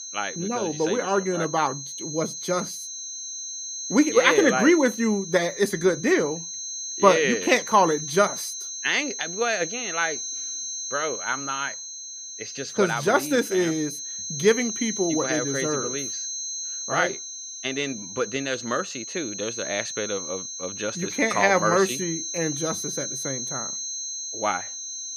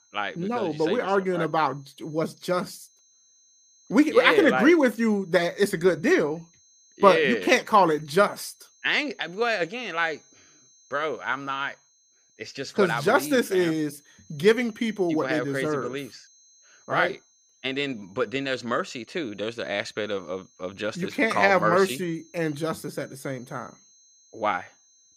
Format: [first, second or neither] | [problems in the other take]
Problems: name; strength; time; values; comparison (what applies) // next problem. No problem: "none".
second | high-pitched whine; loud; throughout; 6.5 kHz, 7 dB below the speech; faint in the second